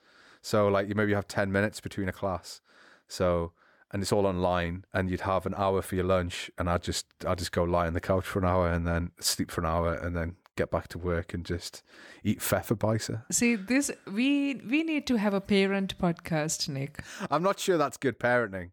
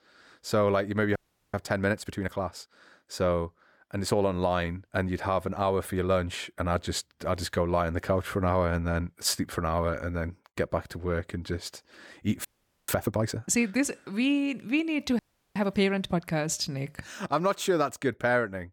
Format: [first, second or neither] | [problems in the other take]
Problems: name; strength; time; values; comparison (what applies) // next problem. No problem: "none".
first | audio freezing; at 1 s, at 12 s and at 15 s